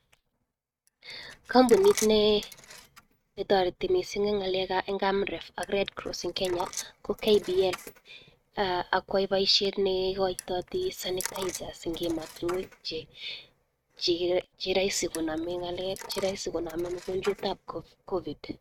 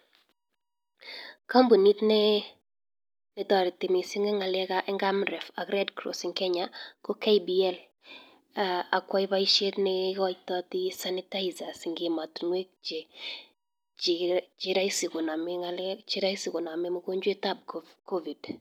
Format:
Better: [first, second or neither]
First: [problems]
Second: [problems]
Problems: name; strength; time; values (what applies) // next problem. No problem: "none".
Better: second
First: noise reduction (neural mask model RNNoise)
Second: none